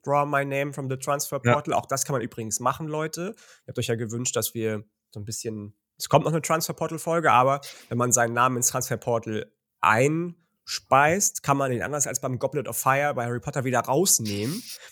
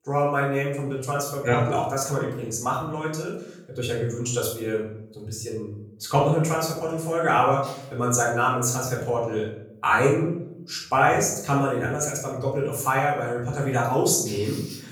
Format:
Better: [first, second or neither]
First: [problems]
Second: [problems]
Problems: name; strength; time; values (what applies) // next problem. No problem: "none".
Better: first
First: none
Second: off-mic speech; far // room echo; noticeable; dies away in 0.6 s